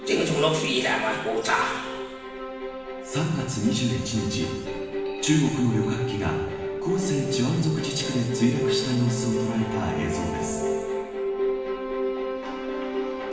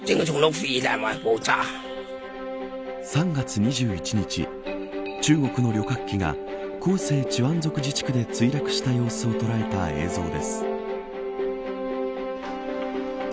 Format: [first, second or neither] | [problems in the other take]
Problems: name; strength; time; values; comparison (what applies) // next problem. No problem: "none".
second | room echo; dies away in 1.2 s